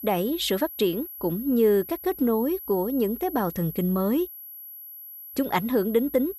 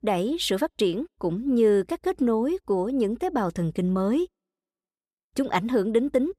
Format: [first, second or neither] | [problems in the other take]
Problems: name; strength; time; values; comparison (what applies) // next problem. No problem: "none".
second | high-pitched whine; noticeable; throughout; 11.5 kHz, 10 dB below the speech